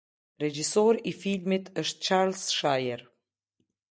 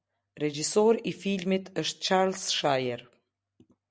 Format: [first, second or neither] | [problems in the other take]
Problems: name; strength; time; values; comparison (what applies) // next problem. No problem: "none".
second | noise reduction (neural mask model DeepFilterNet 3)